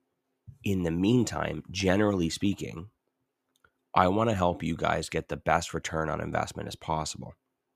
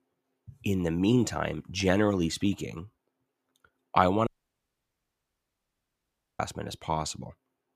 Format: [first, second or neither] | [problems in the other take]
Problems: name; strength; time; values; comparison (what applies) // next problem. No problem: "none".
first | audio cutting out; at 4.5 s for 2 s